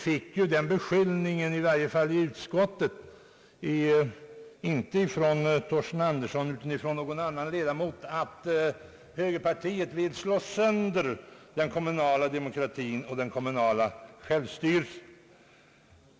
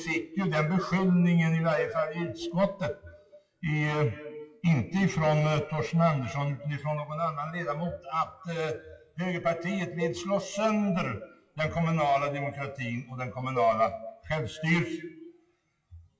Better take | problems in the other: first | noise reduction (classical method WPE with log-MMSE)

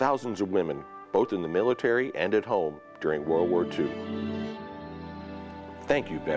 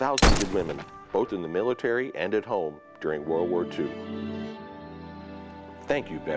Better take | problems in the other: first | background sound (Gunshot, gunfire); 1 dB above the speech

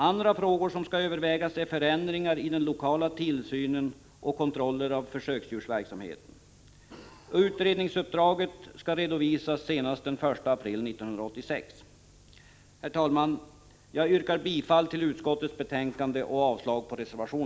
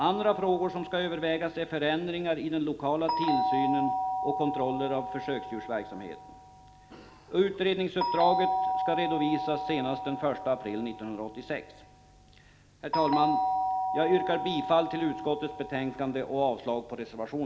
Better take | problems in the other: first | background sound (Doorbell); 3 dB below the speech // room echo; dies away in 1.3 s

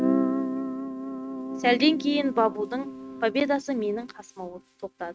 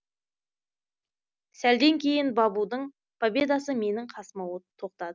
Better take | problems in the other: second | noise reduction (neural mask model RNNoise)

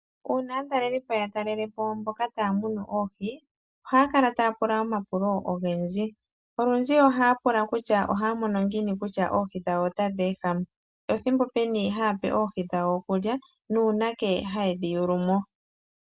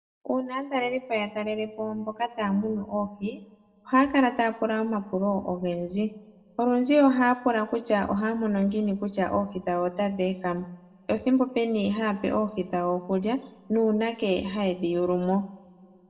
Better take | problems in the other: first | room echo; dies away in 0.8 s

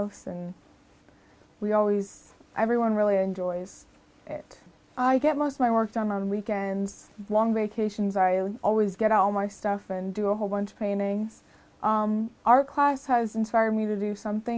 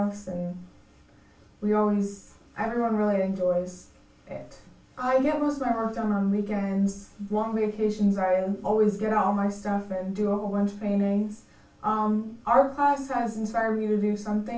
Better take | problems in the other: first | room echo; dies away in 0.3 s

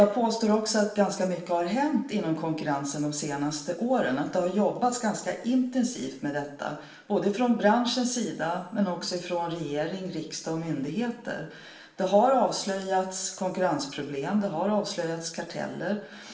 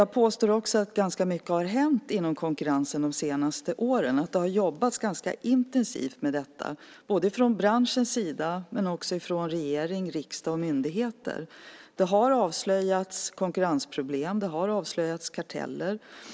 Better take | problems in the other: second | room echo; dies away in 0.8 s

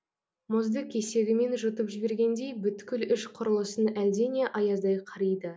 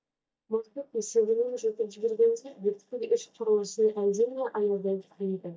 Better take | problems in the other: first | noise reduction (neural mask model DeepFilterNet 3)

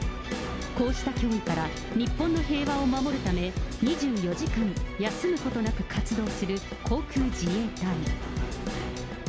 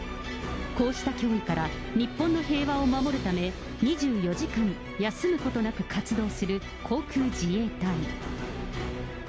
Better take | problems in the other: second | background sound (Drum / Drum kit); 5 dB below the speech

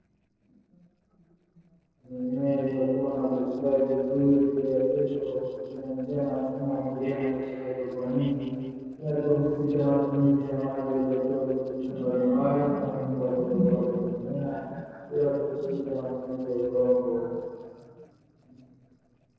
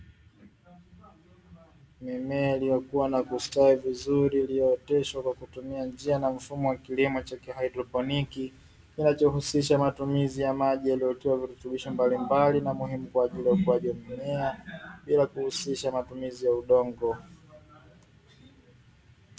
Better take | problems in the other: second | noise reduction (neural separator model SepFormer DNS4)

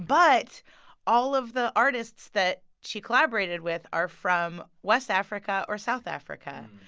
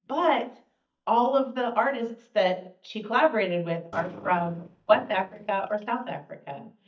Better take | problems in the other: first | noise reduction (neural mask model DeepFilterNet 3)

